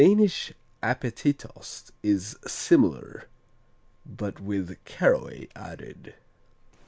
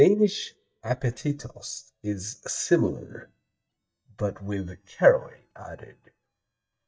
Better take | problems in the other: first | noise reduction (neural mask model DeepFilterNet 3)

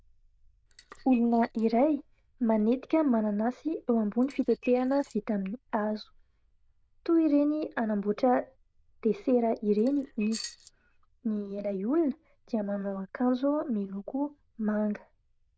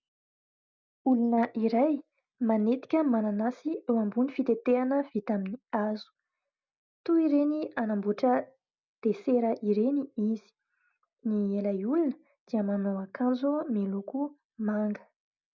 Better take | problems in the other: second | noise reduction (neural diffusion model UNIVERSE++)

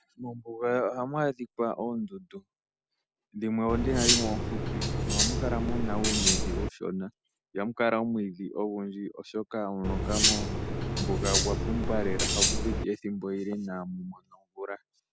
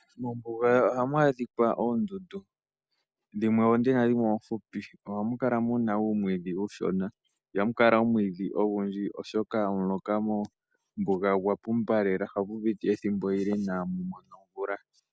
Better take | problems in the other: second | background sound (Cutlery, silverware); 5 dB above the speech

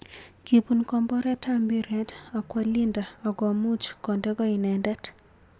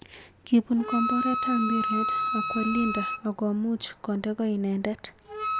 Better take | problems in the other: first | background sound (Wind instrument, woodwind instrument); 4 dB below the speech

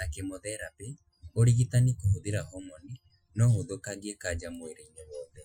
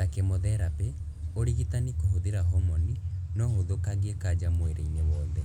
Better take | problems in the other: second | noise reduction (classical method Wiener filter)

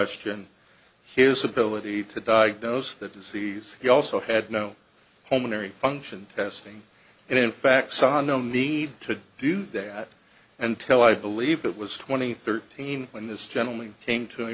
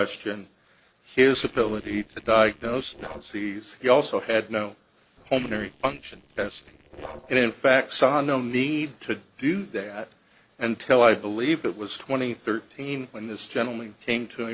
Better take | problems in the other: first | noise reduction (neural separator model SepFormer DNS4)

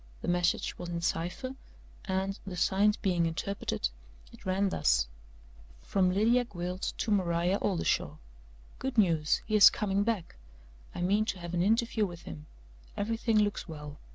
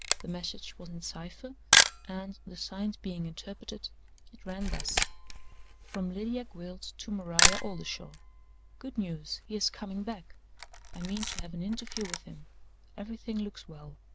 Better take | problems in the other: first | background sound (Camera); 4 dB above the speech

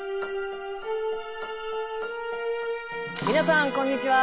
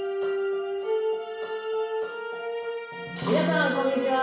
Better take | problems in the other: first | room echo; dies away in 0.7 s

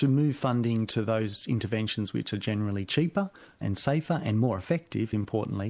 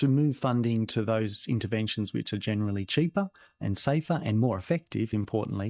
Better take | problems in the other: first | noise reduction (neural mask model DeepFilterNet 3)

